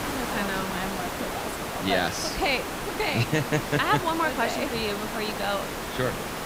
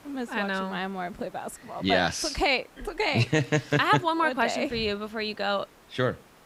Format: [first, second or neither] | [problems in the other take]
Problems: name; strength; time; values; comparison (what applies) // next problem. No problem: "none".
second | hiss; loud; throughout; 4 dB below the speech; faint in the second